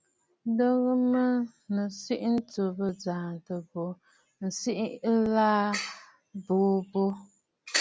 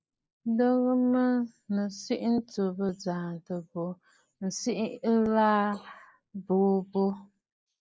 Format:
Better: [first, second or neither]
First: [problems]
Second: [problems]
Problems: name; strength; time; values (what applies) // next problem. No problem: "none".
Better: first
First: none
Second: noise reduction (neural mask model Resemble Enhance denoiser)